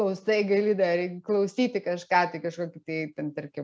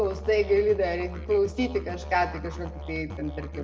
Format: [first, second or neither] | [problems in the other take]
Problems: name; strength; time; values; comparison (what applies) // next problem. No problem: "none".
first | background sound (Musical instrument); 10 dB below the speech // room echo; dies away in 0.9 s